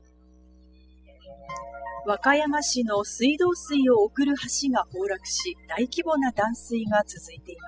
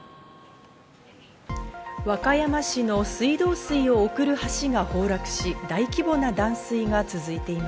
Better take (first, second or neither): second